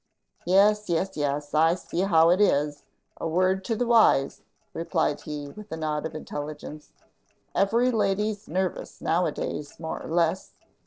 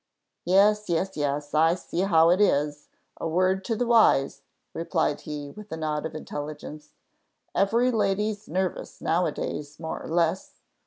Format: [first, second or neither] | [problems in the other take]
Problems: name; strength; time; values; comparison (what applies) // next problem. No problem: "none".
second | noise reduction (neural separator model SepFormer DNS4)